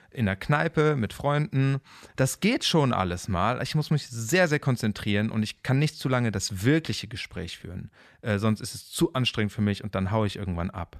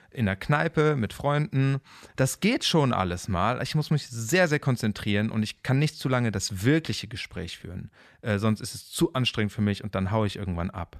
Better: neither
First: none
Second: none

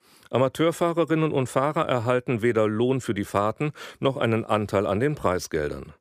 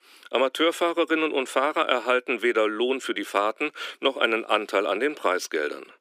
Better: first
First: none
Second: thin; somewhat; fading below 300 Hz

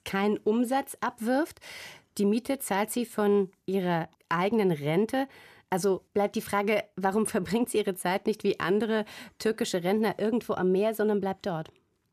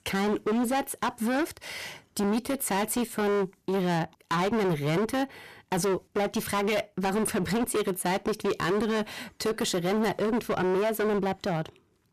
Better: first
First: none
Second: distortion; heavy; 24% of the sound clipped

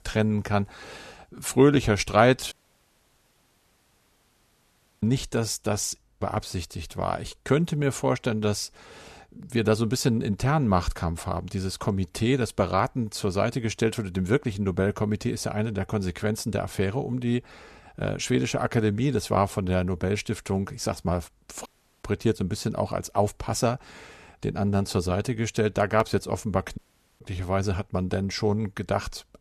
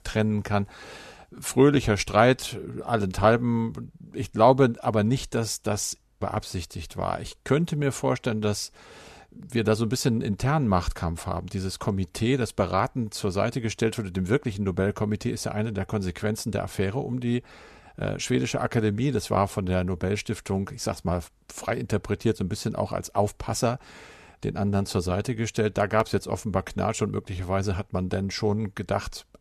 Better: second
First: audio cutting out; at 2.5 s for 2.5 s, at 22 s and at 27 s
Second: none

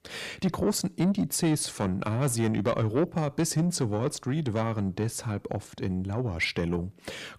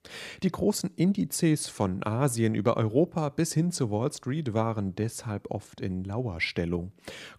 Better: second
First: distortion; slight; 10 dB below the speech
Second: none

